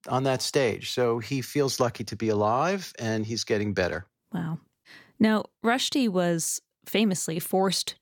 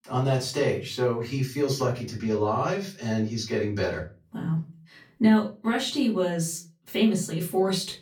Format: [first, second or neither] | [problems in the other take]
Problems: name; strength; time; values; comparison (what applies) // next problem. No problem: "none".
first | off-mic speech; far // room echo; very slight; dies away in 0.3 s